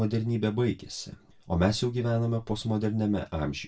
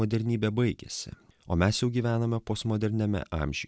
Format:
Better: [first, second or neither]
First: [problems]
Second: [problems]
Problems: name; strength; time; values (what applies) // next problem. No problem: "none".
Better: second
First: room echo; dies away in 0.2 s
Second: none